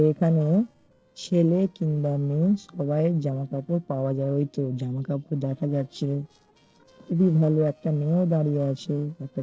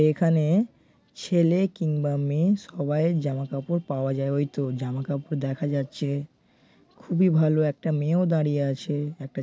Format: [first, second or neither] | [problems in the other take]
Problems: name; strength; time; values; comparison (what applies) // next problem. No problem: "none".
second | noise reduction (neural separator model SepFormer DNS4)